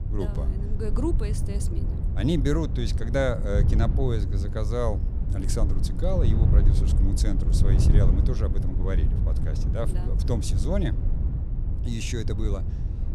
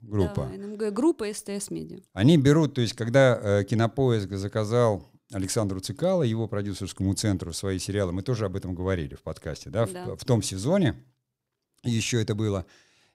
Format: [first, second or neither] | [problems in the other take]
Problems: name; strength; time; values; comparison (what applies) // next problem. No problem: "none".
second | wind noise on the microphone; heavy; 7 dB below the speech